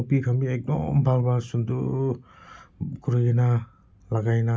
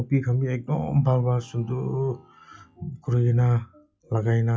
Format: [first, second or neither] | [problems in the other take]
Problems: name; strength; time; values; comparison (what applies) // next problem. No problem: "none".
first | noise reduction (classical method log-MMSE)